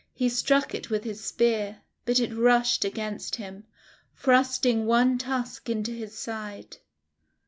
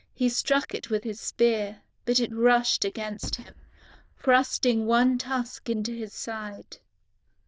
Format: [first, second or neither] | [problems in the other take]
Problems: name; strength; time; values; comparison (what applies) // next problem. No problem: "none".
first | noise reduction (neural diffusion model UNIVERSE++)